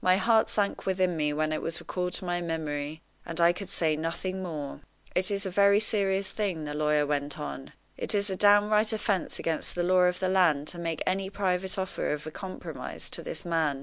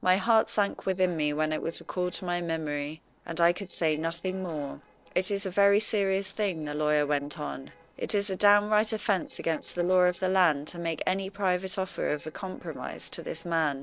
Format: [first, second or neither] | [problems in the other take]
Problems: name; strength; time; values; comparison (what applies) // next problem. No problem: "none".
first | noise reduction (neural separator model SepFormer DNS4)